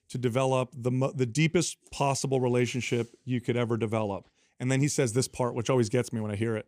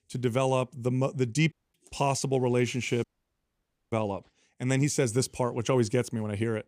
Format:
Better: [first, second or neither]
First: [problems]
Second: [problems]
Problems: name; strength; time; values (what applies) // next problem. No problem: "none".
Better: first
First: none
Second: audio cutting out; at 1.5 s and at 3 s for 1 s